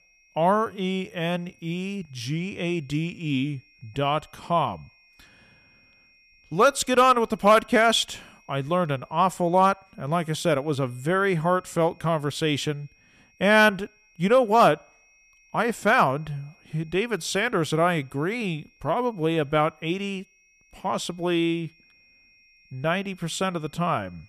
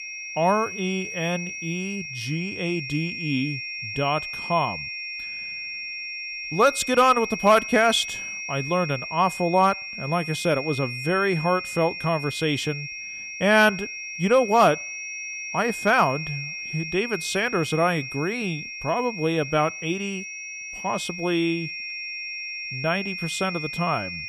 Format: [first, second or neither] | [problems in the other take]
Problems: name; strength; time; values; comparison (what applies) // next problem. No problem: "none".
first | high-pitched whine; loud; throughout; 2.5 kHz, 7 dB below the speech; faint in the first